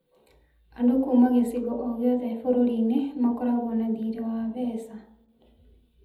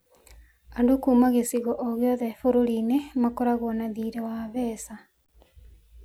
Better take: second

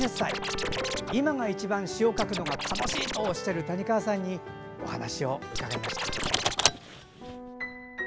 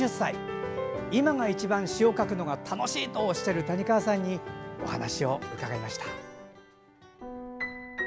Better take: second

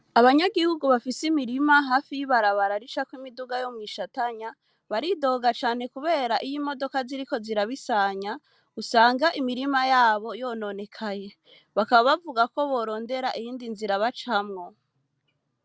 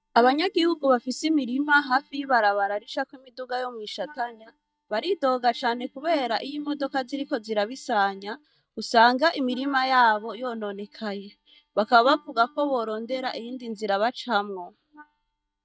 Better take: first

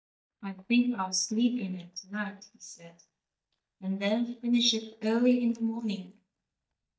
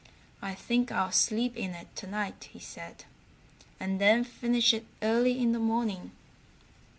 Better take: second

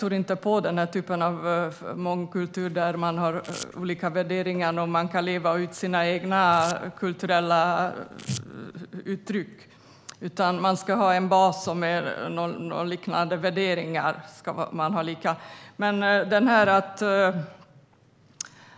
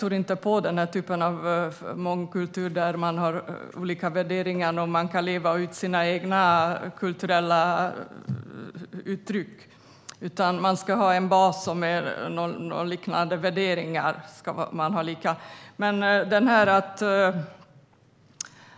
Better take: second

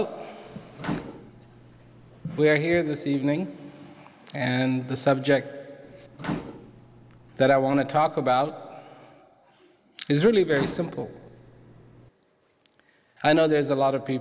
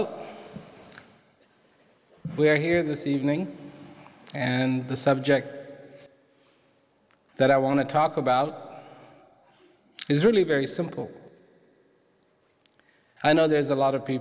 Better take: second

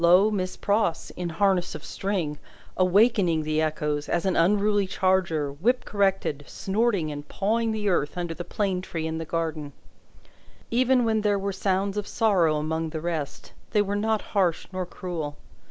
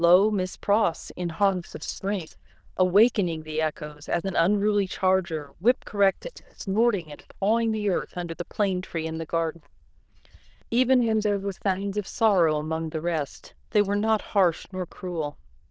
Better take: first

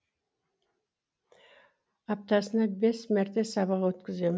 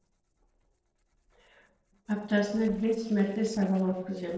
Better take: first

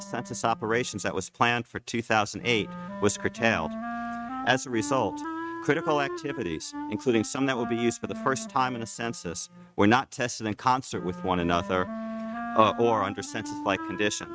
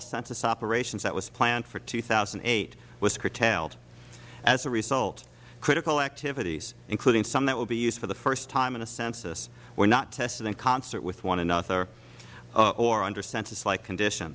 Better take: second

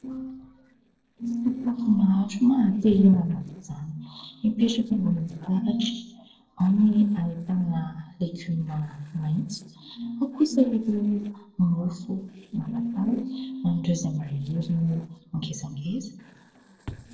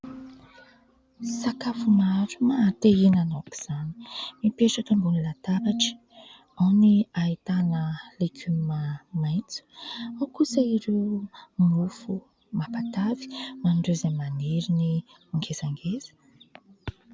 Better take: second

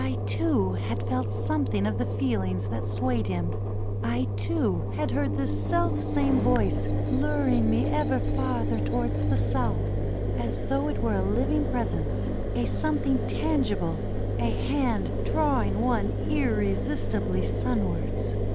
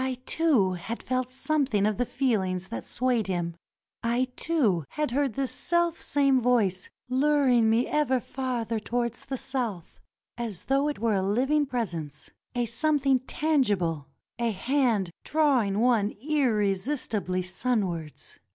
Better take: second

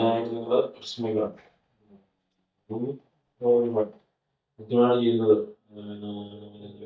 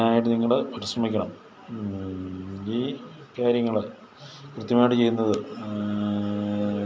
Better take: second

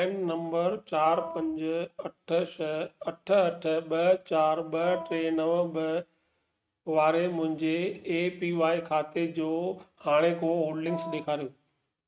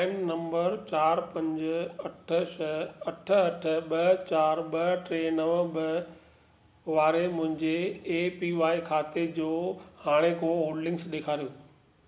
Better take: second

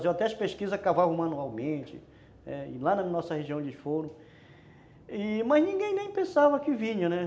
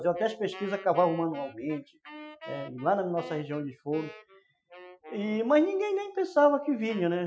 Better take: first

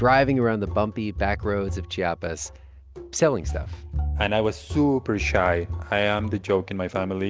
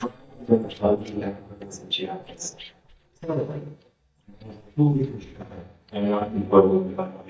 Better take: first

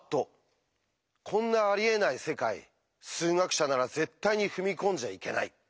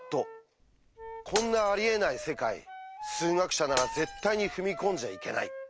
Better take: first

